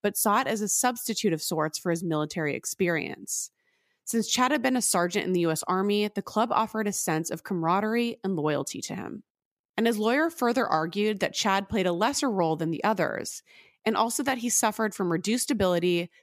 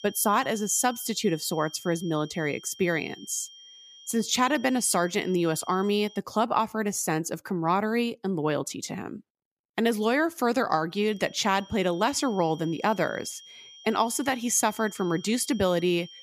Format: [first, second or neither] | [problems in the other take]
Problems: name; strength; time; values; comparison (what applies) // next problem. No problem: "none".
first | high-pitched whine; noticeable; until 6 s and from 11 s on; 3 kHz, 20 dB below the speech